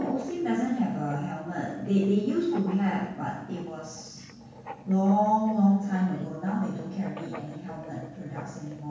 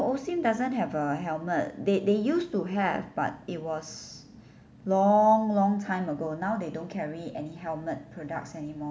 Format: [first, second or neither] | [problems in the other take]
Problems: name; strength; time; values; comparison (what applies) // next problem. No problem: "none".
second | background sound (Writing); 19 dB below the speech // room echo; dies away in 0.6 s